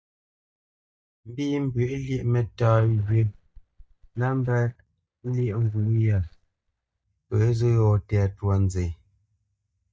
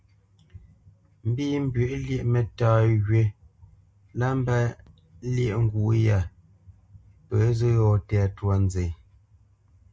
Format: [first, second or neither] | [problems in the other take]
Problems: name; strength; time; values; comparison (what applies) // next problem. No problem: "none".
second | noise reduction (neural mask model DeepFilterNet 3)